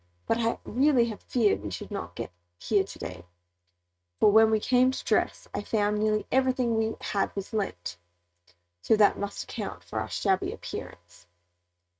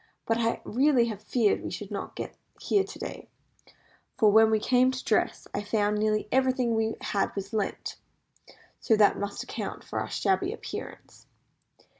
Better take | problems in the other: second | noise reduction (neural mask model RNNoise)

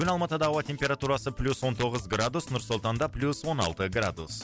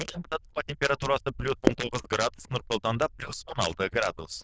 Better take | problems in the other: first | noise reduction (neural diffusion model UNIVERSE++)

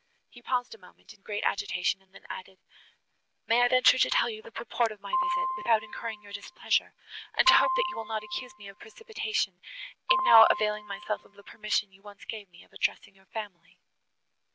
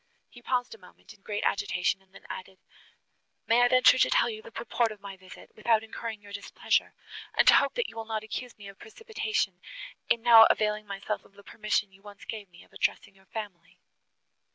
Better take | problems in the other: second | background sound (Piano); 2 dB below the speech

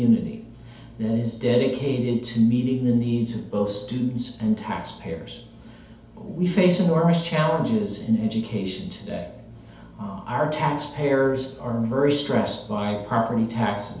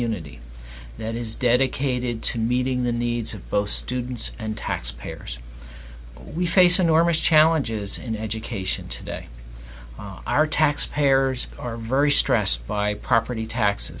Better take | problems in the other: second | room echo; dies away in 2.2 s

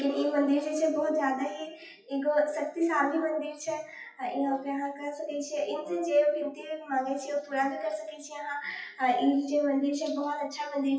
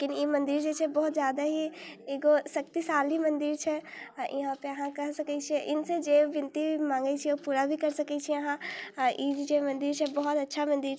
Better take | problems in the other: second | noise reduction (classical method WPE with log-MMSE)

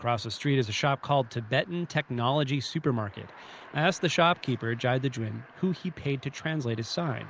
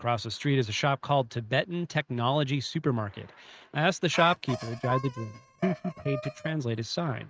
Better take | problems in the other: first | noise reduction (neural mask model RNNoise)

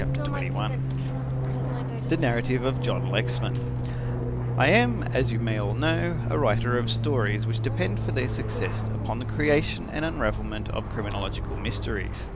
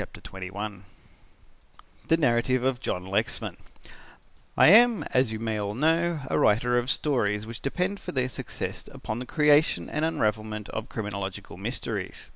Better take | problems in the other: second | background sound (Fixed-wing aircraft, airplane); 1 dB above the speech

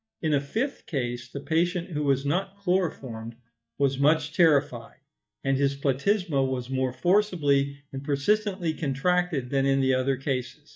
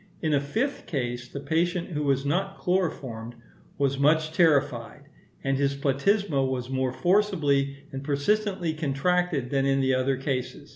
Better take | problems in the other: second | noise reduction (neural mask model DeepFilterNet 3)

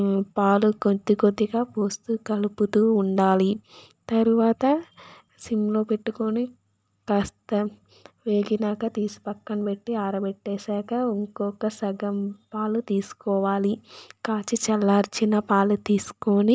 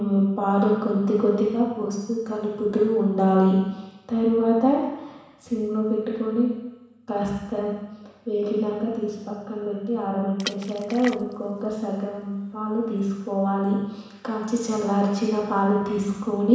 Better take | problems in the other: first | background sound (Water / Splash, splatter); 17 dB below the speech // room echo; dies away in 1.1 s

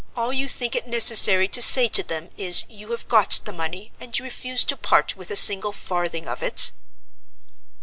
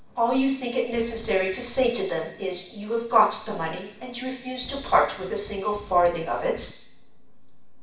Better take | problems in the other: first | background sound (Wind); 18 dB below the speech // room echo; dies away in 0.6 s

